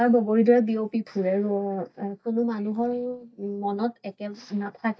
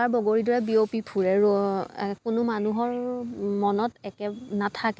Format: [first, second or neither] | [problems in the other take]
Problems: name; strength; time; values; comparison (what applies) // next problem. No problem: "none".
second | noise reduction (neural mask model DeepFilterNet 3)